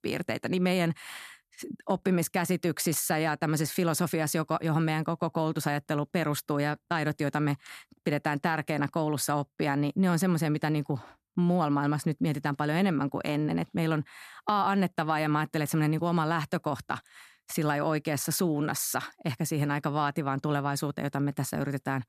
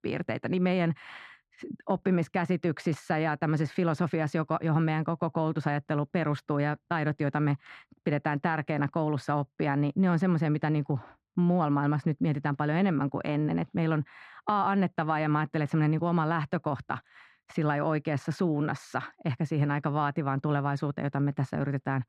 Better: first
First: none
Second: muffled; slightly; fading above 2.5 kHz

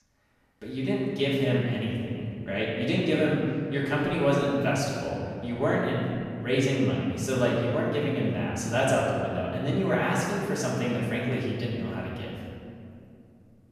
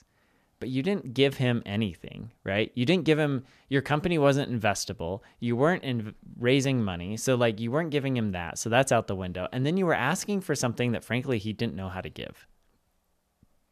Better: second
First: room echo; noticeable; dies away in 2.2 s // off-mic speech; far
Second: none

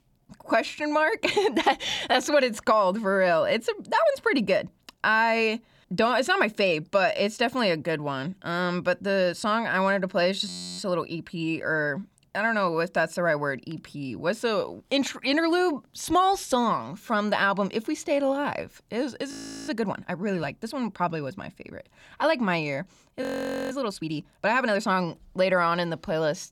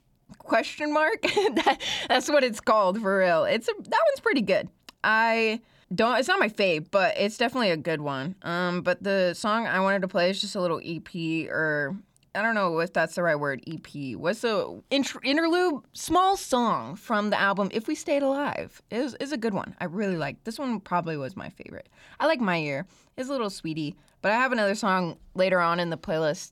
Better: second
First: audio freezing; at 10 s, at 19 s and at 23 s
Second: none

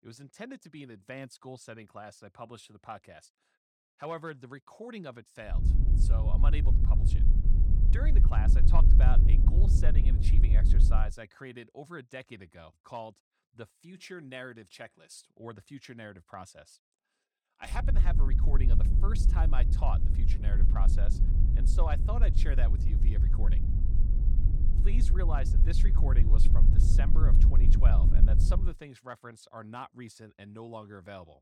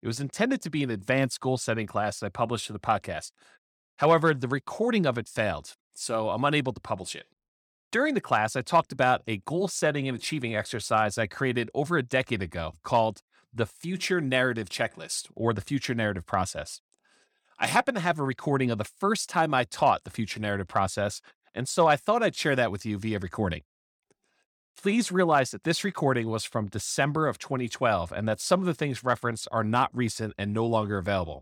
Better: second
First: wind noise on the microphone; heavy; from 5.5 to 11 s and from 18 to 29 s; 3 dB below the speech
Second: none

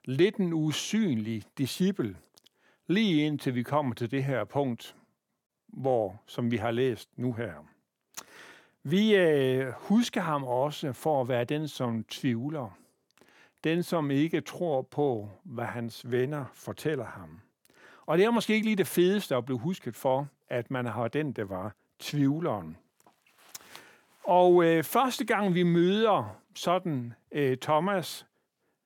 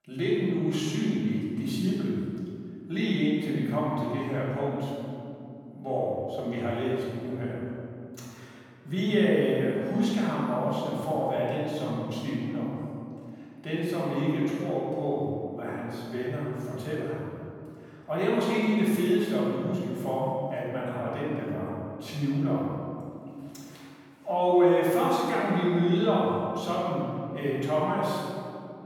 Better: first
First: none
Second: room echo; strong; dies away in 2.3 s // off-mic speech; far

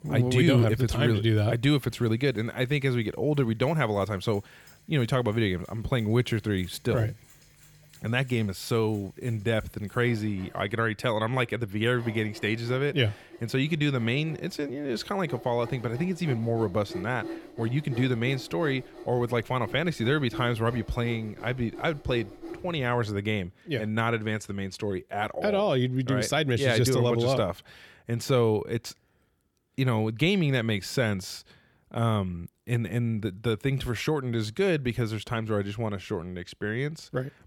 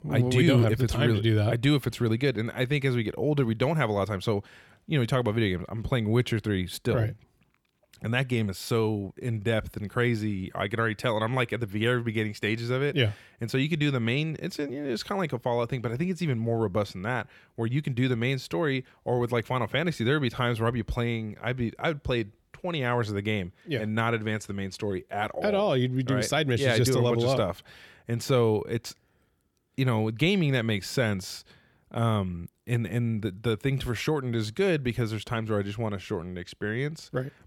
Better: second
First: machinery noise; noticeable; until 23 s; 20 dB below the speech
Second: none

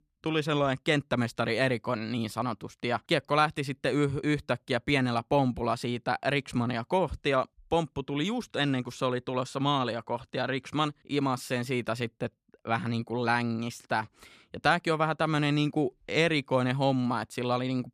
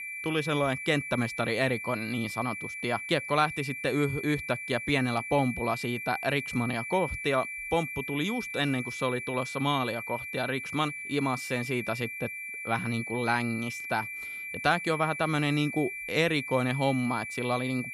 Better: first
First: none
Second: high-pitched whine; loud; throughout; 2.5 kHz, 6 dB below the speech

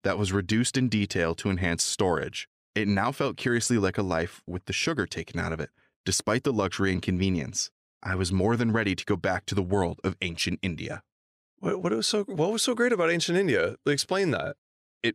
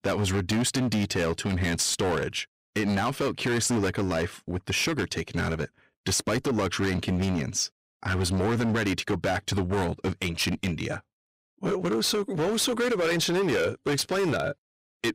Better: first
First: none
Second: distortion; heavy; 19% of the sound clipped

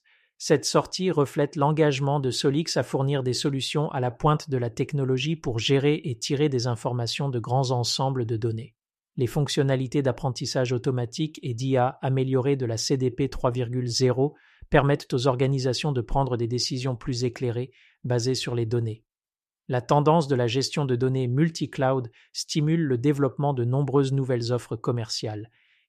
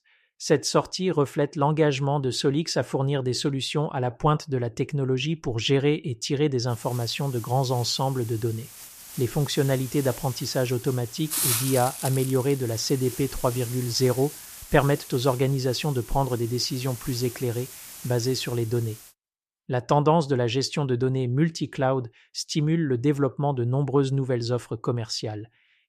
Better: first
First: none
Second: hiss; loud; from 6.5 to 19 s; 9 dB below the speech

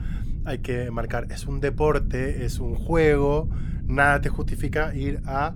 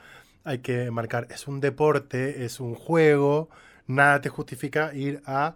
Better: second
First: low rumble; faint; throughout; 20 dB below the speech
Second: none

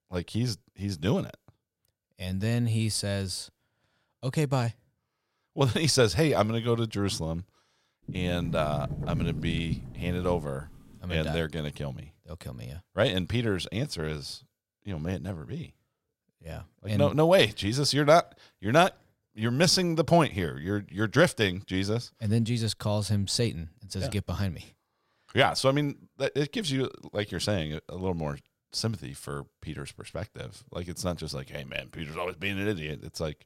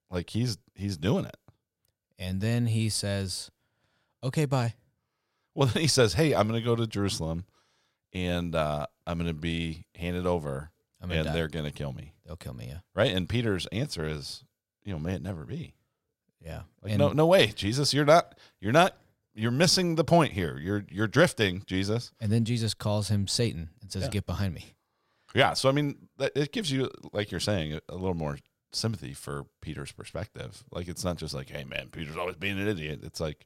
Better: second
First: door banging; noticeable; from 8 to 10 s; peak 4 dB below the speech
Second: none

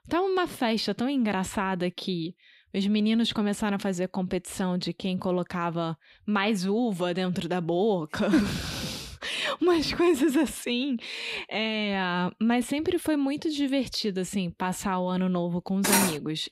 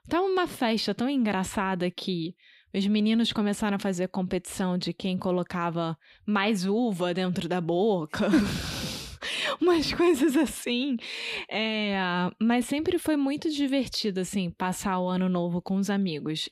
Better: second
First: clattering dishes; loud; at 16 s; peak 4 dB above the speech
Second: none

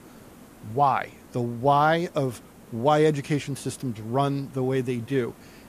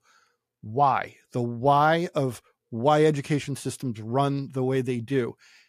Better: second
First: hiss; faint; throughout; 25 dB below the speech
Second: none

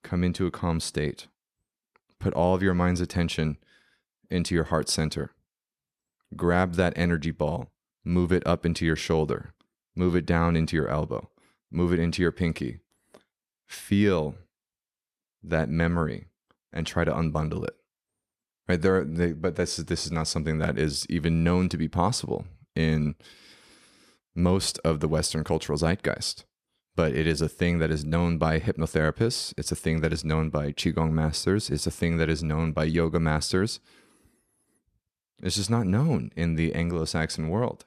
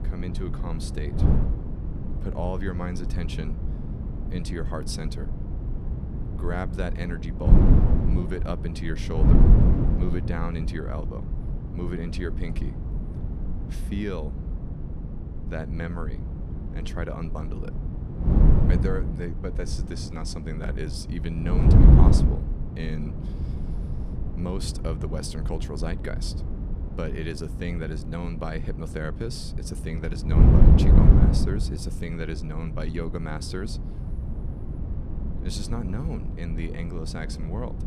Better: first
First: none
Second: wind noise on the microphone; heavy; 1 dB below the speech

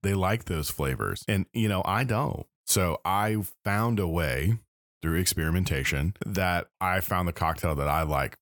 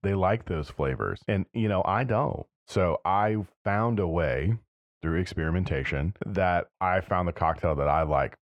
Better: first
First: none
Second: muffled; very; fading above 2.5 kHz

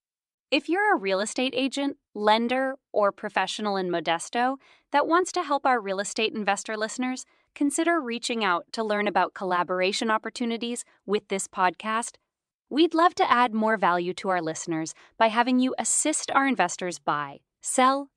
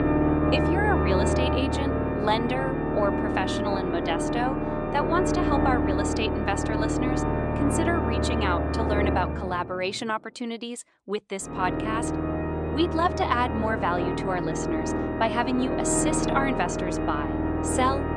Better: first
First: none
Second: background music; very loud; throughout; 2 dB above the speech

